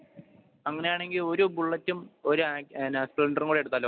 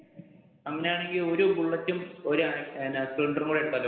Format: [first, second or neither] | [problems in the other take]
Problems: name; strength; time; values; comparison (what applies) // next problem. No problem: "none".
first | room echo; dies away in 1.1 s